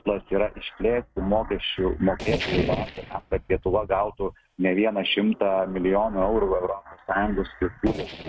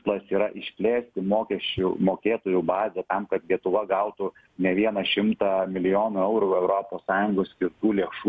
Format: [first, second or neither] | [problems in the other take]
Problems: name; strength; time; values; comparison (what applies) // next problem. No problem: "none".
second | noise reduction (neural mask model RNNoise)